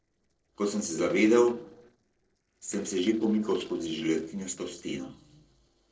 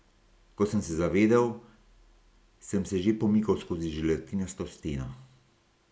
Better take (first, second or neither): second